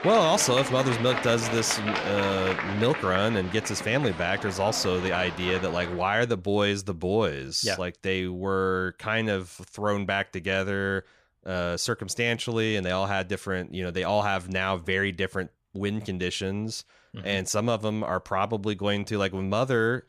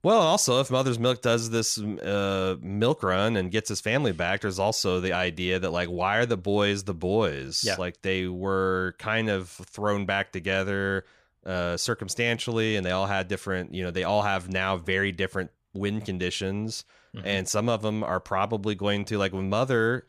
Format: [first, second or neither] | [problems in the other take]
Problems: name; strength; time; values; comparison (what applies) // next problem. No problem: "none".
second | crowd noise; loud; until 6 s; 6 dB below the speech